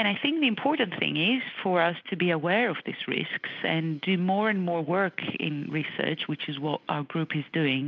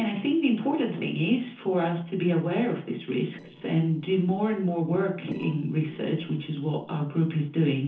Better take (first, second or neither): first